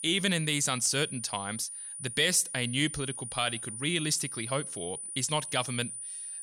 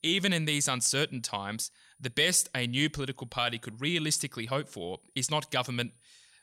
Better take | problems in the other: second | high-pitched whine; loud; throughout; 9.5 kHz, 8 dB below the speech; faint in the second

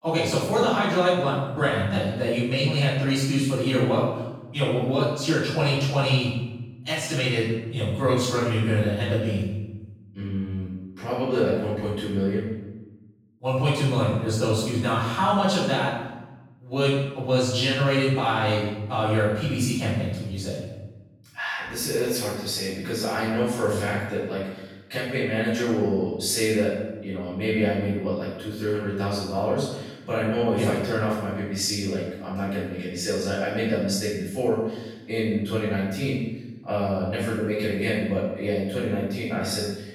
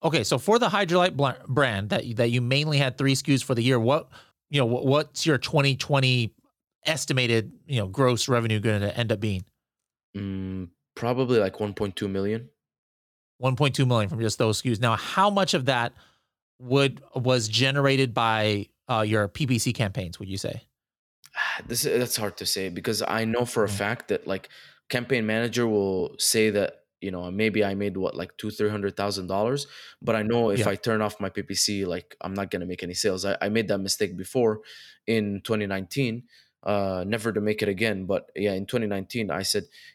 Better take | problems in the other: second | off-mic speech; far // room echo; strong; dies away in 0.9 s

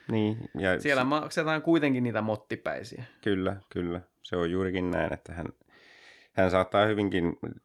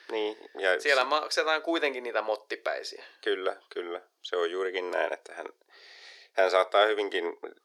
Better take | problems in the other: first | thin; very; fading below 400 Hz

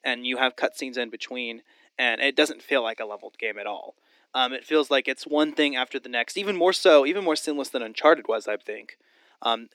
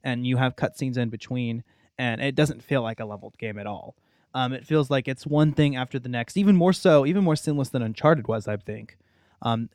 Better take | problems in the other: second | thin; somewhat; fading below 300 Hz

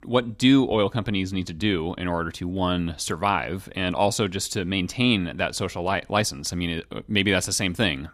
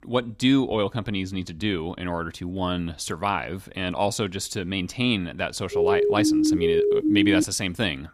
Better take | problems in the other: first | siren; loud; from 5.5 to 7.5 s; peak 6 dB above the speech

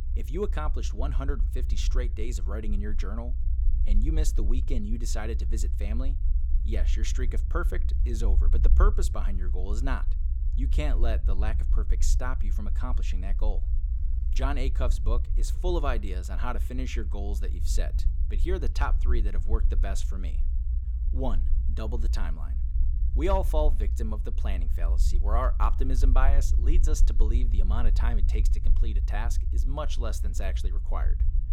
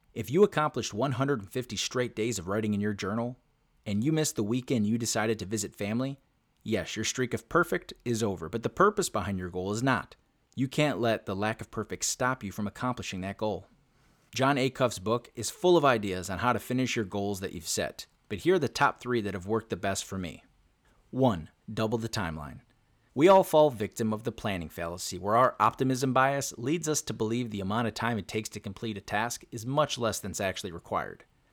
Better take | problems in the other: second | low rumble; noticeable; throughout; 15 dB below the speech

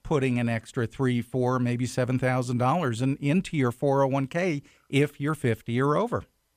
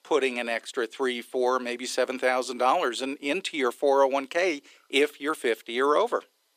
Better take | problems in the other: first | thin; somewhat; fading below 350 Hz

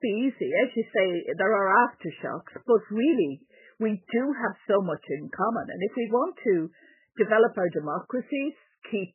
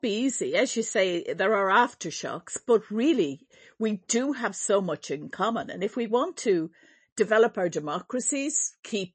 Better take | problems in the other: second | garbled, watery; badly; nothing above 3 kHz; slightly in the second

